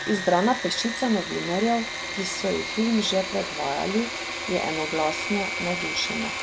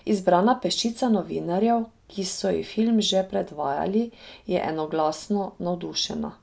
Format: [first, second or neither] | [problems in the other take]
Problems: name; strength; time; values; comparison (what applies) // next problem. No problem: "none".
second | background sound (Engine / Mechanisms); 5 dB below the speech